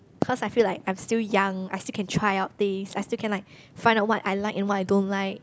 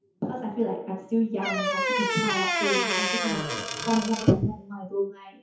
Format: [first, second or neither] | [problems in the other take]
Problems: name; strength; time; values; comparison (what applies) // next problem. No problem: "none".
first | noise reduction (classical method WPE with log-MMSE)